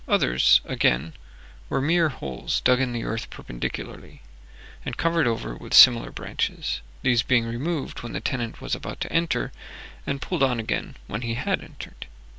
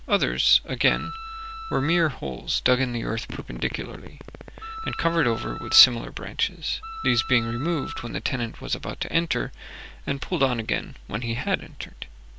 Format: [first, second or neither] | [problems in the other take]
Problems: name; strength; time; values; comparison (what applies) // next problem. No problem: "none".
first | background sound (Fart + Wind instrument, woodwind instrument); 11 dB below the speech